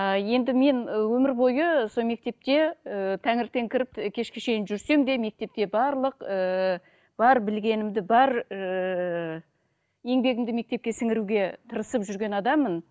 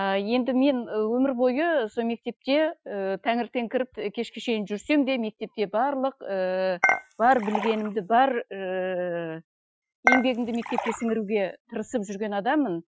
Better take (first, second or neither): first